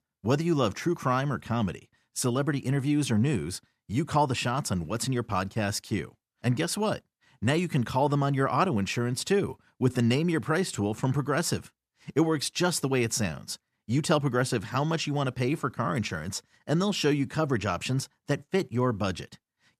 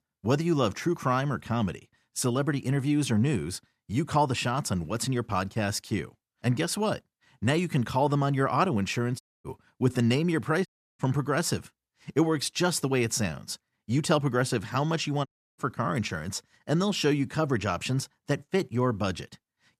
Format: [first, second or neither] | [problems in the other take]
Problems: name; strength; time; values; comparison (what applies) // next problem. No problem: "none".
first | audio cutting out; at 9 s, at 11 s and at 15 s